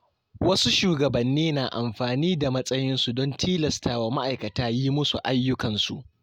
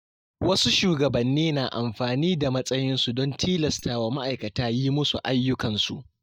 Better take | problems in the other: first | noise reduction (neural mask model DeepFilterNet 3)

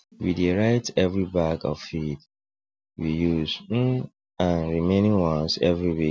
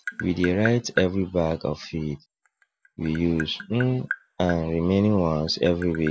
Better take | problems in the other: first | background sound (Tap); 14 dB below the speech

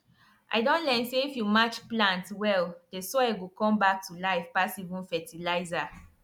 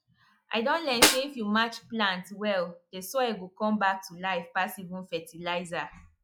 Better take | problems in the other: first | noise reduction (classical method log-MMSE)

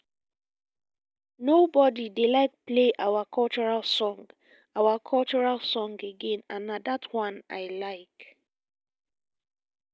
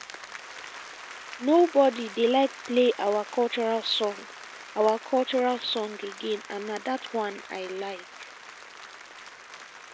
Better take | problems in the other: first | background sound (Applause); 15 dB below the speech

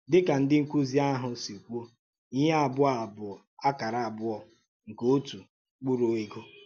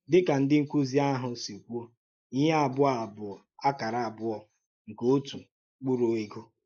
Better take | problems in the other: first | noise reduction (neural mask model Resemble Enhance denoiser)

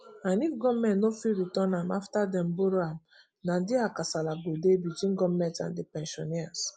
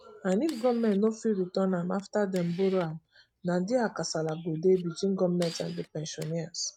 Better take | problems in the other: first | noise reduction (neural mask model RNNoise)

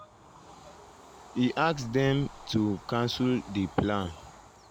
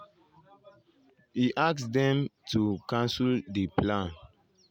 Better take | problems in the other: second | background sound (Knock / Wood + Train / Bird vocalization, bird call, bird song); 18 dB below the speech

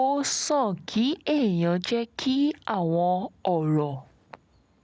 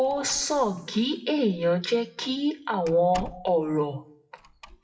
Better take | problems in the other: first | noise reduction (classical method WPE with log-MMSE)

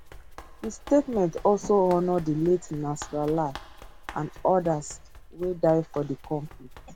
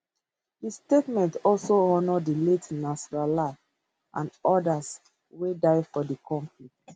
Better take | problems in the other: second | background sound (Run); 17 dB below the speech

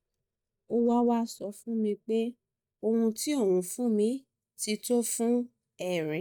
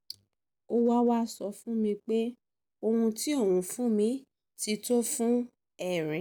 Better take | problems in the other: second | noise reduction (neural mask model DeepFilterNet 3)

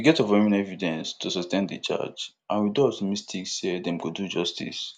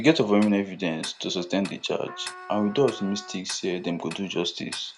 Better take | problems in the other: first | background sound (Trumpet + Tick-tock); 17 dB below the speech

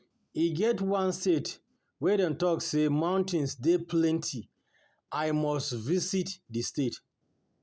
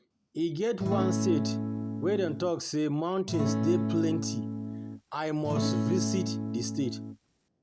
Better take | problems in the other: first | background sound (Acoustic guitar / Strum); as loud as the speech

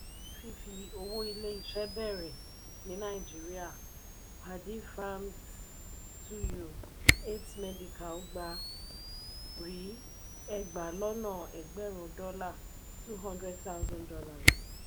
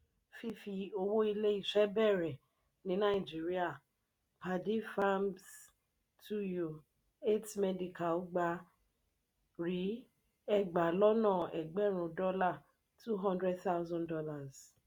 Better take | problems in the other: second | background sound (Camera); 5 dB above the speech

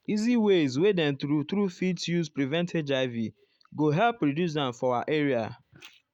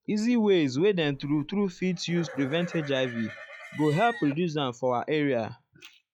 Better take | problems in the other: first | noise reduction (classical method log-MMSE)

